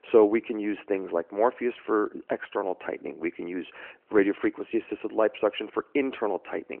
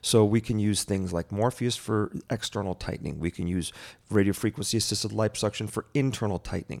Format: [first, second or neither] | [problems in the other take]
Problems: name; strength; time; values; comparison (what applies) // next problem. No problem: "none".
second | phone-call audio